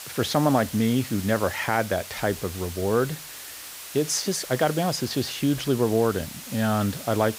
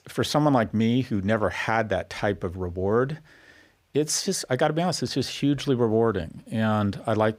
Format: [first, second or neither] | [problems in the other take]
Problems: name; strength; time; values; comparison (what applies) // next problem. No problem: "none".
second | hiss; noticeable; throughout; 10 dB below the speech